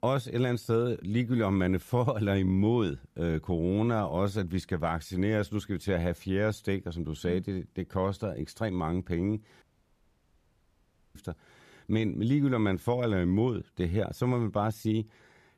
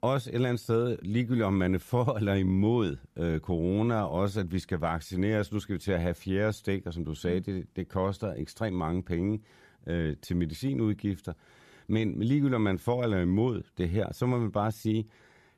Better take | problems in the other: second | audio cutting out; at 9.5 s for 1.5 s

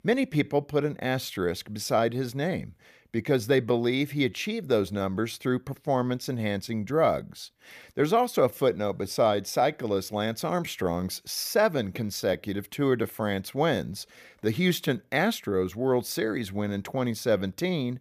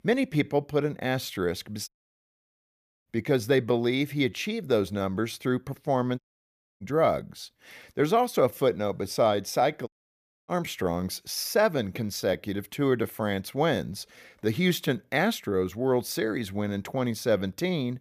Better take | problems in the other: first | audio cutting out; at 2 s for 1 s, at 6 s for 0.5 s and at 10 s for 0.5 s

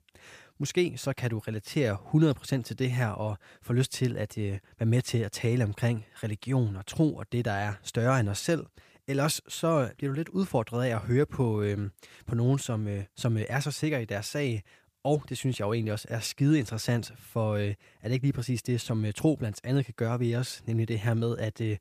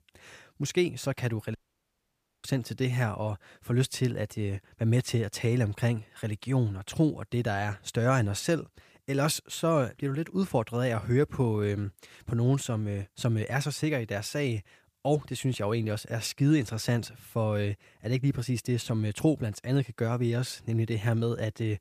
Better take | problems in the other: first | audio cutting out; at 1.5 s for 1 s

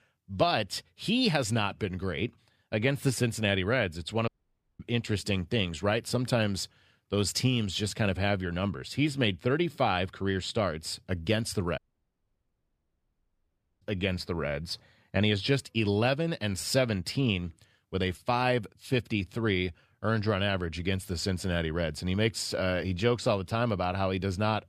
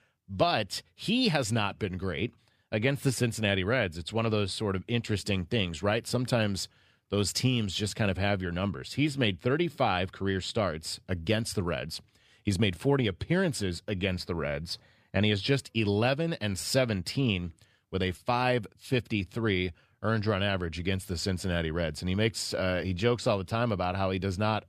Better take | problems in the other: second | audio cutting out; at 4.5 s for 0.5 s and at 12 s for 2 s

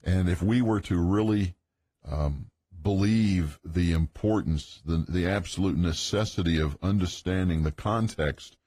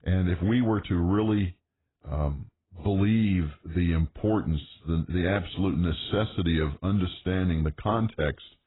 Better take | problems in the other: first | garbled, watery; badly; nothing above 4 kHz; slightly in the first

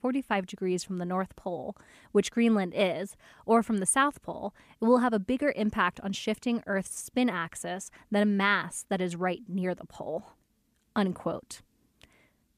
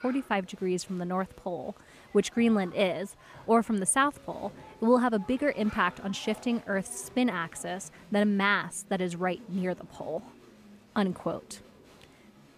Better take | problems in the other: first | crowd noise; faint; throughout; 25 dB below the speech

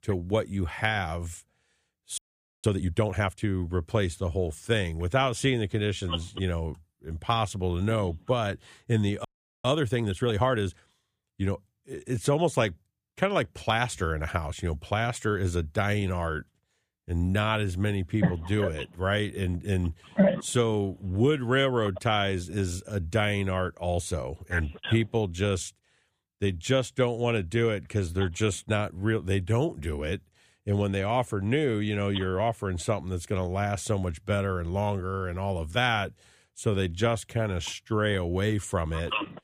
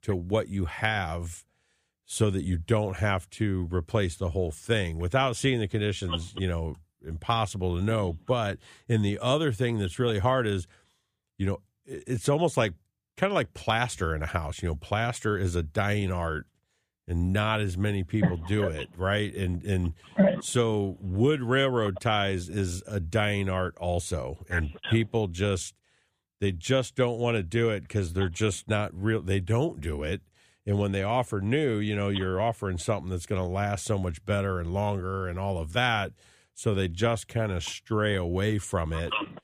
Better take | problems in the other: second | audio freezing; at 2 s and at 9.5 s

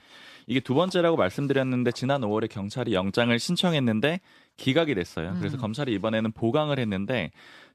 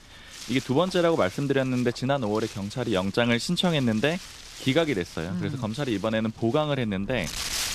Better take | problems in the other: first | wind noise on the microphone; occasional gusts; 15 dB below the speech

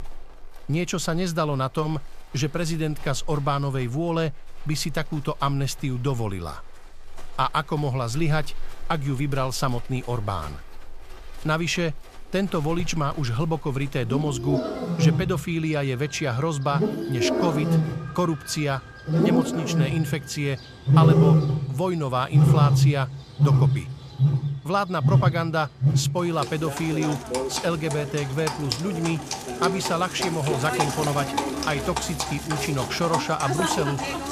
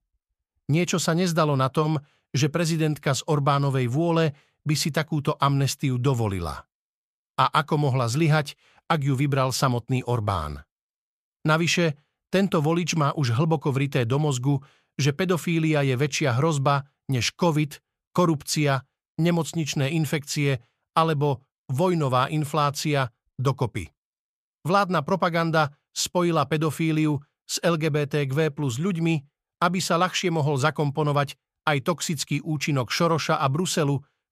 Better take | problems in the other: second | animal sounds; very loud; throughout; 2 dB above the speech

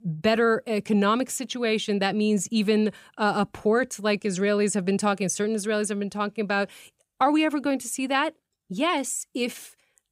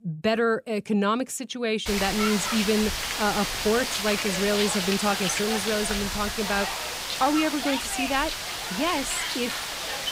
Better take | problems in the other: first | hiss; loud; from 2 s on; 1 dB below the speech

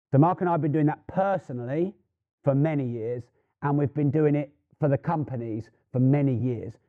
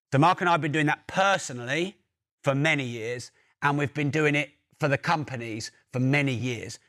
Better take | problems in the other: second | muffled; very; fading above 1.5 kHz

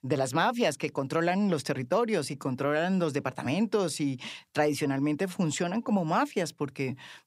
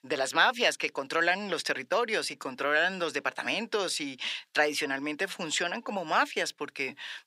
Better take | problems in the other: first | thin; somewhat; fading below 400 Hz

